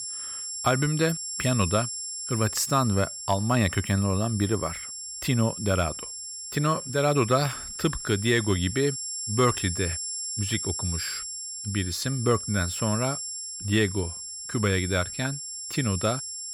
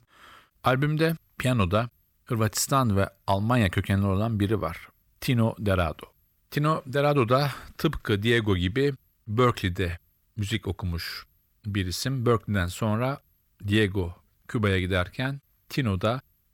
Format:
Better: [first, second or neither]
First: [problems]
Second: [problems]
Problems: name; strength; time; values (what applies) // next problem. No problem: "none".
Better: second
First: high-pitched whine; loud; throughout; 7.5 kHz, 6 dB below the speech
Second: none